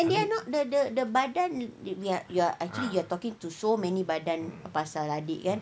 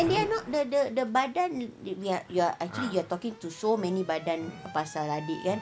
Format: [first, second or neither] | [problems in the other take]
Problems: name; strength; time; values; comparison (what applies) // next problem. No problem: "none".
first | background sound (Alarm); 19 dB below the speech